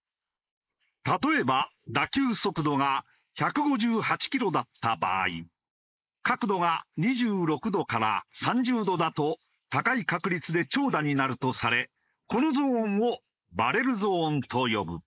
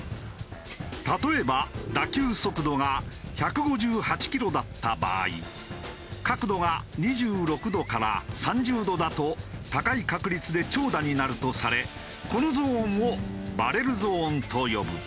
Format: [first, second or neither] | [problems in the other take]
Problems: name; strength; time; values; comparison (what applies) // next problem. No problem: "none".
second | noise reduction (neural mask model Resemble Enhance denoiser)